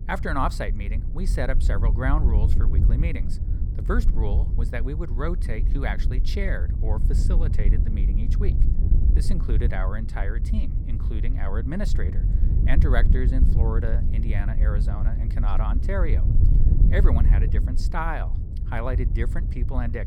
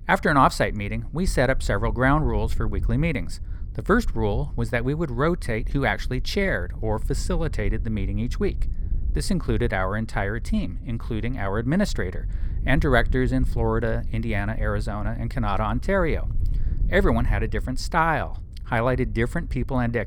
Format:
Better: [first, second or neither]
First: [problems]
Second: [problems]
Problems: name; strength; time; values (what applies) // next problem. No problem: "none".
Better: second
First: wind noise on the microphone; heavy; 8 dB below the speech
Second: wind noise on the microphone; occasional gusts; 25 dB below the speech